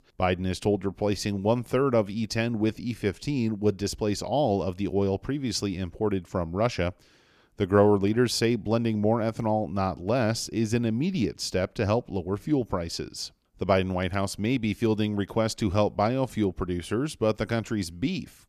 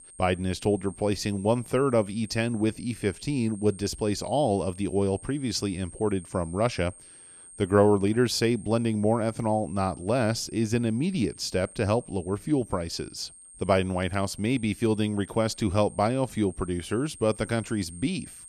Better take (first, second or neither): first